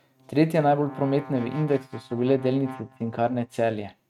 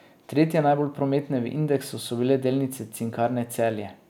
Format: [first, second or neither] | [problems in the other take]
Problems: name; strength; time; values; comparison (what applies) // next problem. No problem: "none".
second | noise reduction (neural mask model RNNoise)